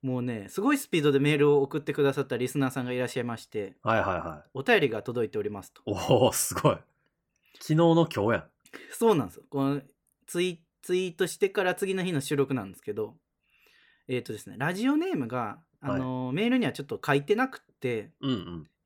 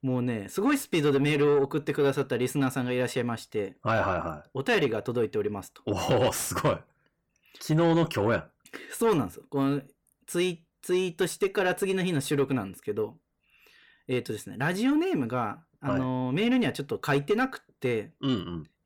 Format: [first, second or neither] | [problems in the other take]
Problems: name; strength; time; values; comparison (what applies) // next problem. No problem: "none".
first | distortion; slight; 10 dB below the speech